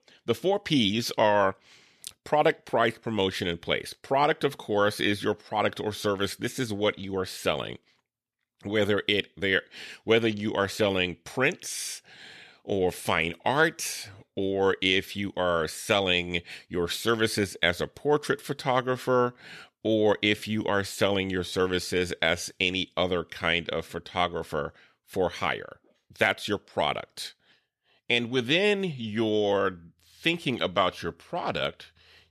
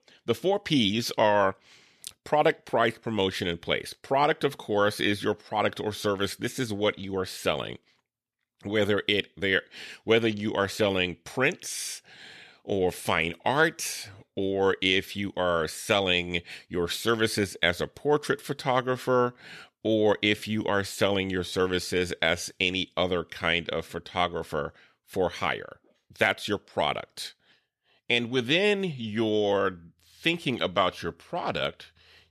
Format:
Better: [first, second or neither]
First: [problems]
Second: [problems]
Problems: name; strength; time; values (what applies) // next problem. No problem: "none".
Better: neither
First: none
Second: none